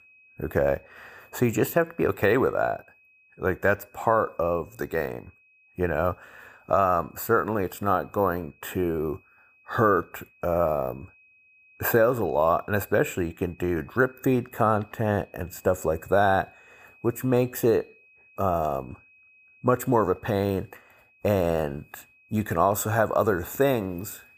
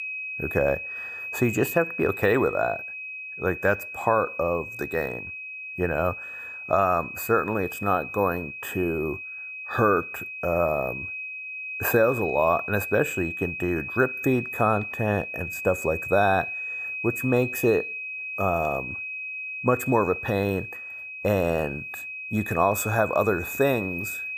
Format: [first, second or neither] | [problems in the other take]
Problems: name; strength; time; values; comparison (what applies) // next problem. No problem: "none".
first | high-pitched whine; loud; throughout; 2.5 kHz, 7 dB below the speech; faint in the first